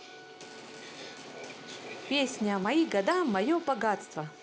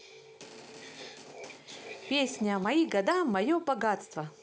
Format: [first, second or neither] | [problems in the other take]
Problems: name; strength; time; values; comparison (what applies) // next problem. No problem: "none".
second | background sound (Aircraft + Organ); 17 dB below the speech